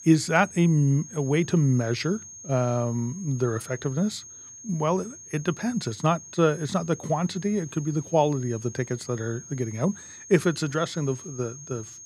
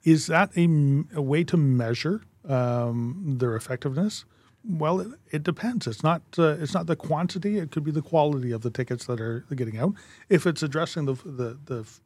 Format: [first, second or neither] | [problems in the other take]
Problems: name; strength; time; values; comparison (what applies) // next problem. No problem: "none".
second | high-pitched whine; noticeable; throughout; 6.5 kHz, 15 dB below the speech